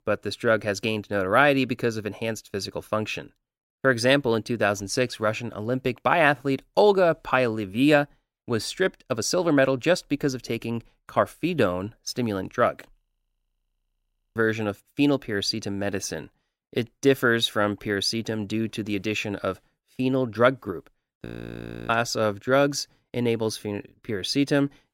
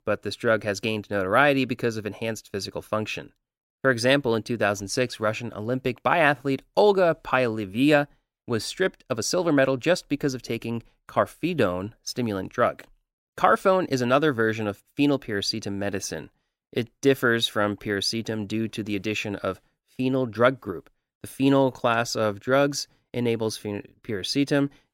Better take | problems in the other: second | audio freezing; at 13 s for 1.5 s and at 21 s for 0.5 s

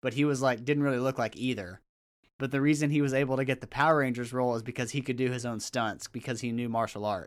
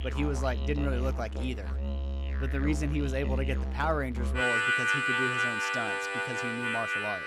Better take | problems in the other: first | background music; very loud; throughout; 4 dB above the speech

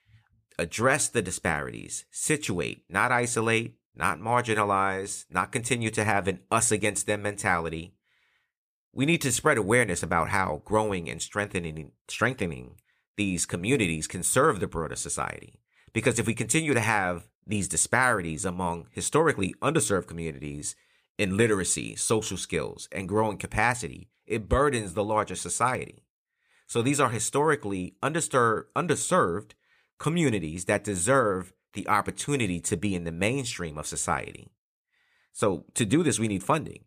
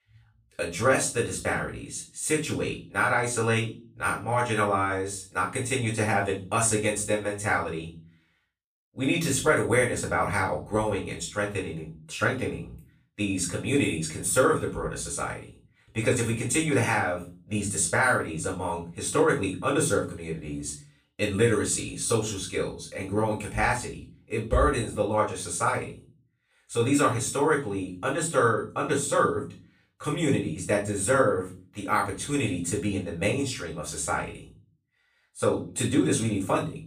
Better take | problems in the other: first | off-mic speech; far // room echo; slight; dies away in 0.3 s

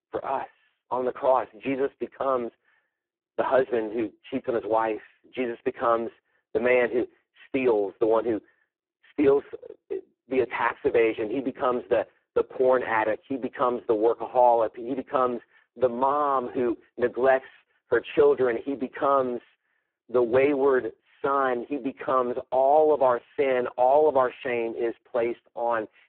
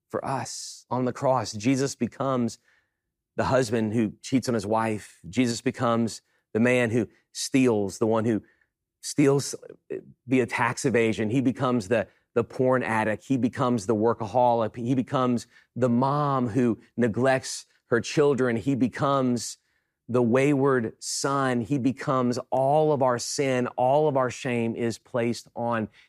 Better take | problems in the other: second | phone-call audio; poor line

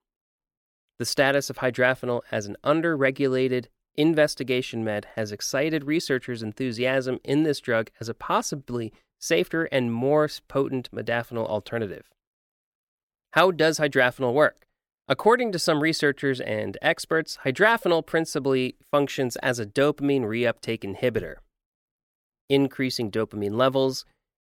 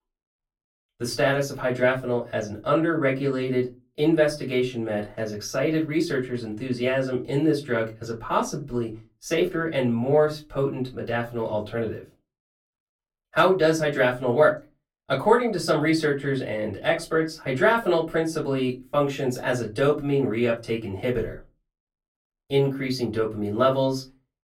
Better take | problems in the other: first | off-mic speech; far // room echo; very slight; dies away in 0.3 s

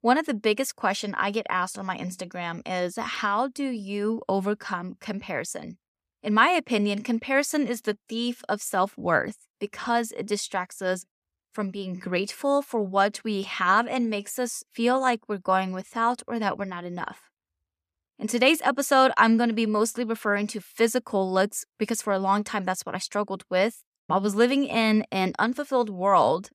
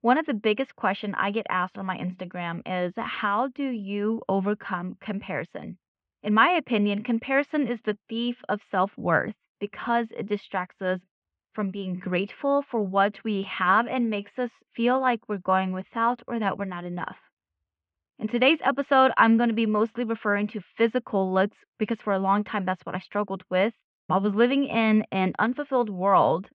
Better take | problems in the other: first | muffled; very; fading above 3 kHz

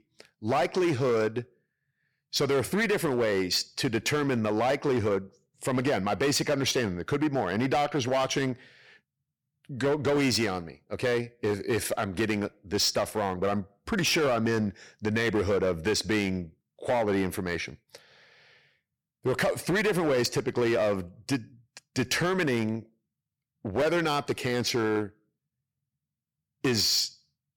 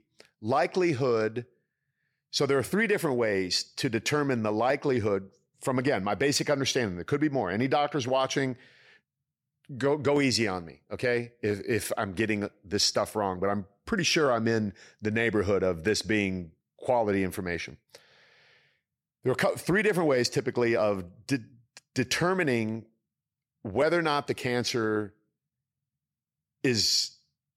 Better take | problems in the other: second | distortion; slight; 10% of the sound clipped

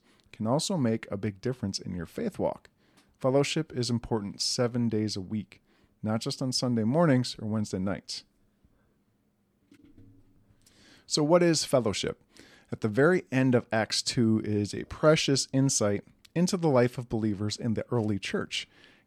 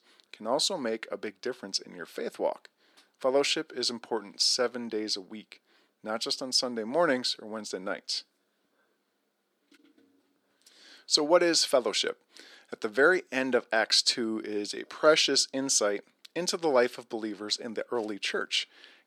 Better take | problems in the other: first | thin; somewhat; fading below 350 Hz

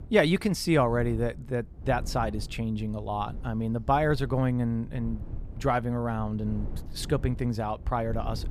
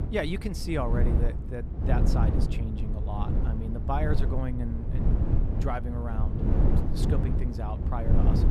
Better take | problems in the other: first | low rumble; loud; throughout; 3 dB below the speech; faint in the first

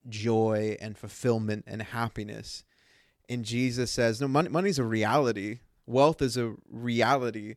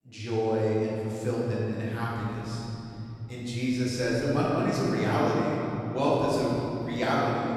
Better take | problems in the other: first | room echo; strong; dies away in 3 s // off-mic speech; far

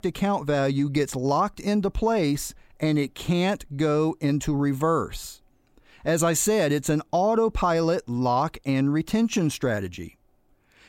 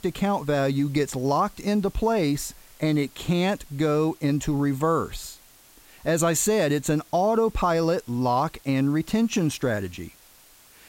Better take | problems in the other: first | hiss; faint; throughout; 25 dB below the speech

